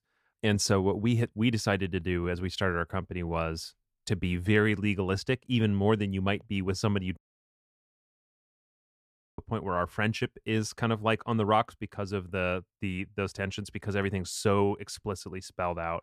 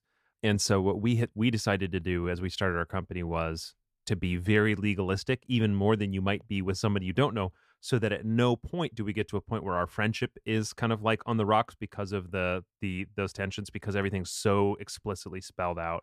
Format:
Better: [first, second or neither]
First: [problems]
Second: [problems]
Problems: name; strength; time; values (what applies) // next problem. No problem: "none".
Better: second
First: audio cutting out; at 7 s for 2 s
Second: none